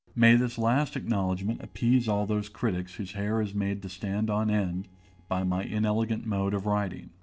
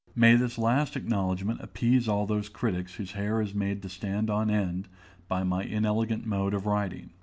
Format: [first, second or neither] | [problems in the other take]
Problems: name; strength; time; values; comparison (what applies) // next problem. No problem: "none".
second | noise reduction (neural separator model SepFormer DNS4)